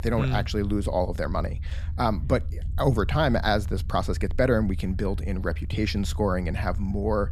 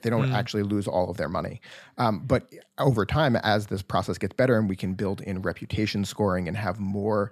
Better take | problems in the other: second | low rumble; faint; throughout; 25 dB below the speech

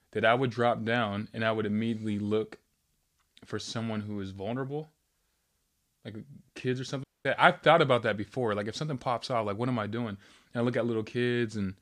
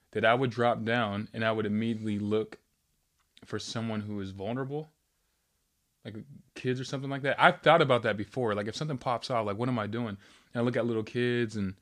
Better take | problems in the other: second | audio cutting out; at 7 s

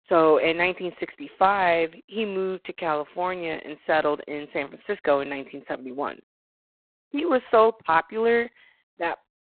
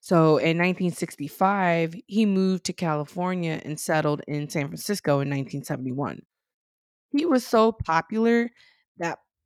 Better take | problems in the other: second | phone-call audio; poor line; nothing above 4 kHz

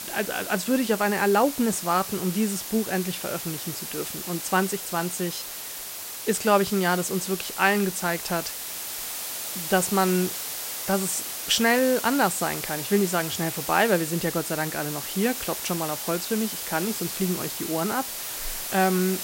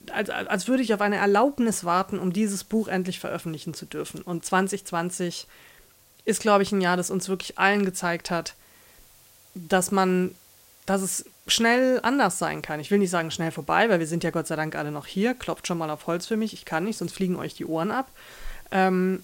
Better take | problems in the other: second | hiss; loud; throughout; 5 dB below the speech; faint in the second

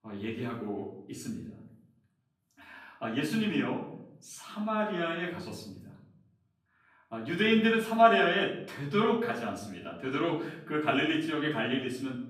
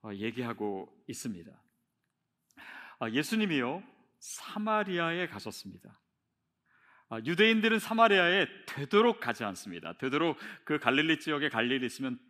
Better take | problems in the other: second | off-mic speech; far // room echo; noticeable; dies away in 0.8 s

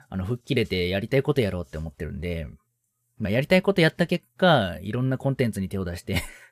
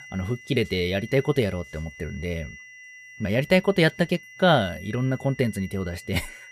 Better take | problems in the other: first | high-pitched whine; noticeable; throughout; 2 kHz, 20 dB below the speech

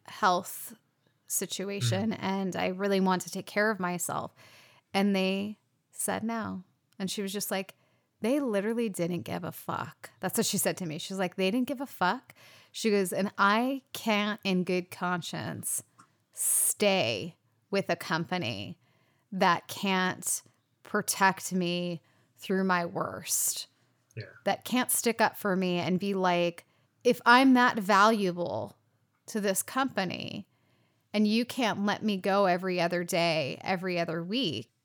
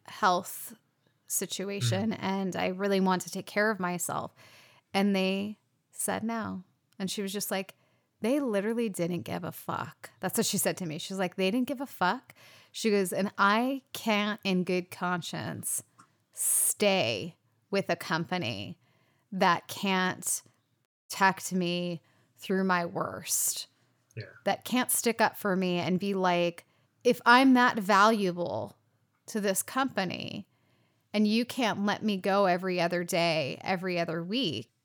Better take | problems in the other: first | audio cutting out; at 21 s

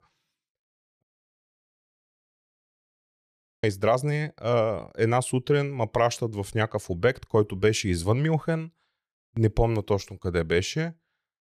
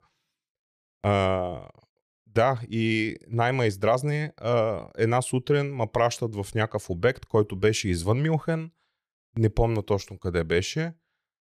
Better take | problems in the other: second | audio cutting out; at 1 s for 2.5 s

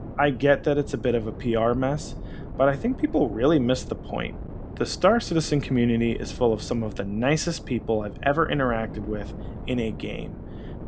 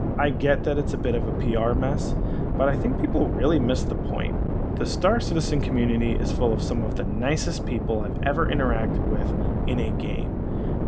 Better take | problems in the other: first | wind noise on the microphone; heavy; 6 dB below the speech; occasional gusts in the first

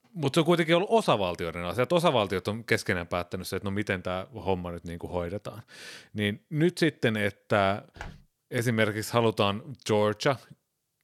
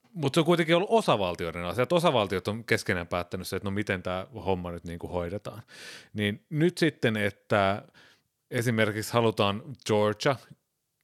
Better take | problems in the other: second | footsteps; faint; at 8 s; peak 15 dB below the speech

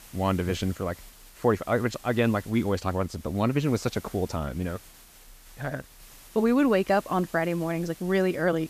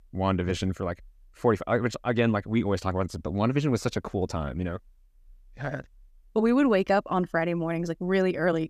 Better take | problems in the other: second | hiss; faint; throughout; 20 dB below the speech

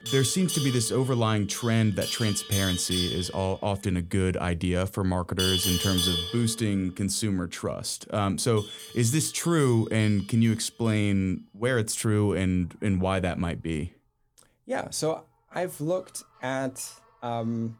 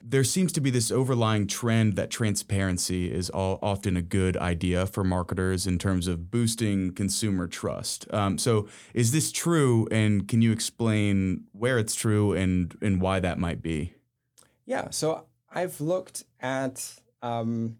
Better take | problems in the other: second | animal sounds; loud; throughout; 4 dB below the speech

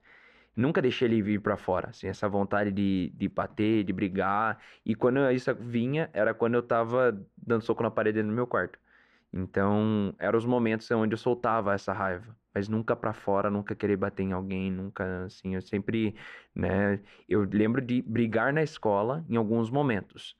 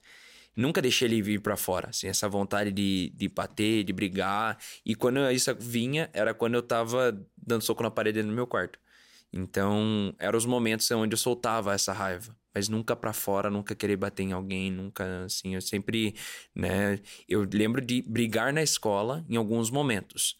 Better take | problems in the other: second | muffled; very; fading above 1.5 kHz

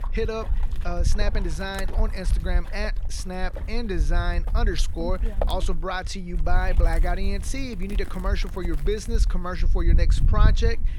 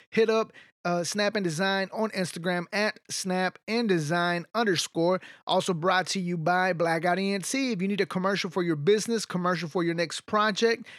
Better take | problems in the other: second | wind noise on the microphone; occasional gusts; 10 dB below the speech

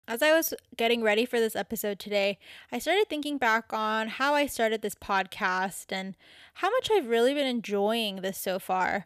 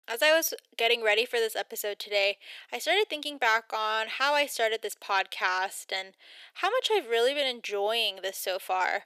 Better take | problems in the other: first | thin; somewhat; fading below 400 Hz

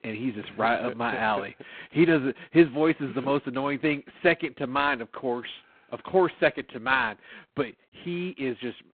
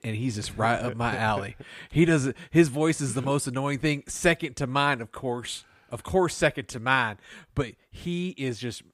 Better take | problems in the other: second | phone-call audio; poor line; nothing above 4 kHz

